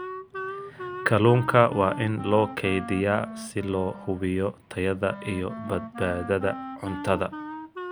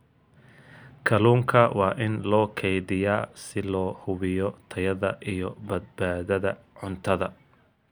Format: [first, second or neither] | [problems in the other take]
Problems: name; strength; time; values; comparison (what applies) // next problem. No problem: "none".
second | background sound (Wind instrument, woodwind instrument); 11 dB below the speech